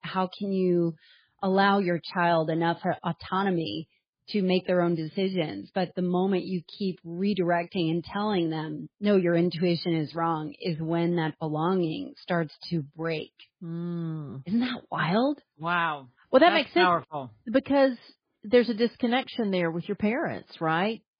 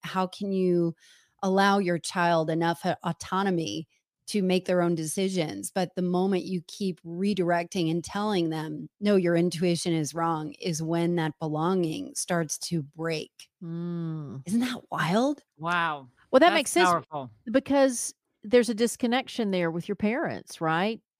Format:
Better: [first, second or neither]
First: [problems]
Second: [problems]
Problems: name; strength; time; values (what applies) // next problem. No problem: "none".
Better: second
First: garbled, watery; badly; nothing above 4.5 kHz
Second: none